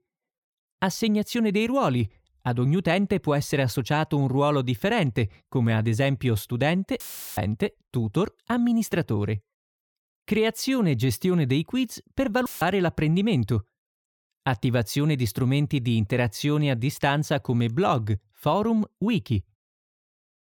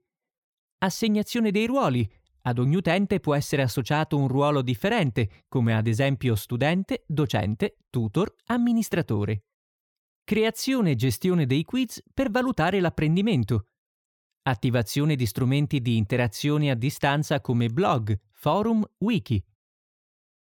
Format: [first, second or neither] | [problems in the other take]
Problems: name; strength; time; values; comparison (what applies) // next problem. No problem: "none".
second | audio cutting out; filled with static; at 7 s and at 12 s